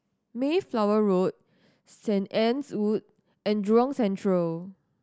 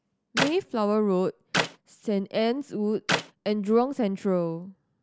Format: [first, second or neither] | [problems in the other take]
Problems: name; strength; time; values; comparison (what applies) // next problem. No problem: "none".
first | background sound (Clapping); 5 dB below the speech